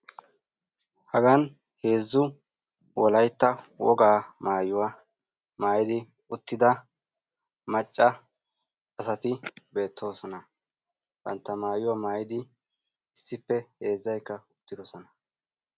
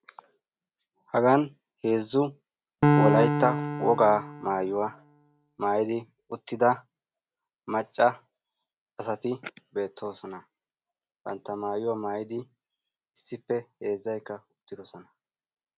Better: first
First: none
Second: background sound (Piano); 2 dB above the speech

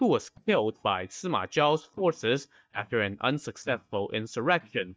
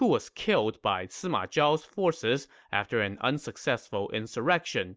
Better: second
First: noise reduction (neural mask model DeepFilterNet 3)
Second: none

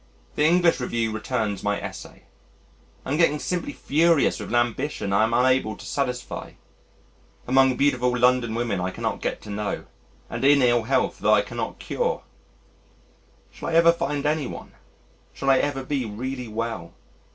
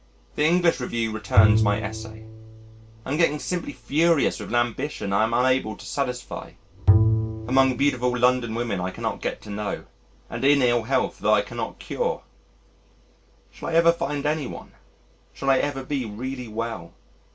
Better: first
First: none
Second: background sound (Bowed string instrument); as loud as the speech

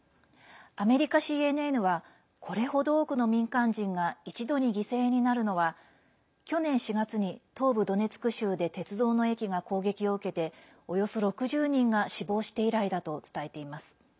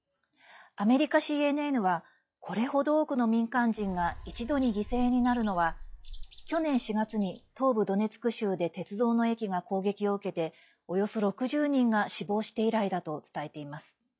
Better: first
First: none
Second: noise reduction (classical method log-MMSE)

